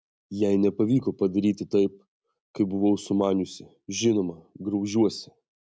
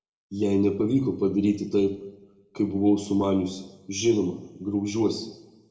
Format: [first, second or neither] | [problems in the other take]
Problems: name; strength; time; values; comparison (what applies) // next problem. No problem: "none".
first | room echo; dies away in 0.7 s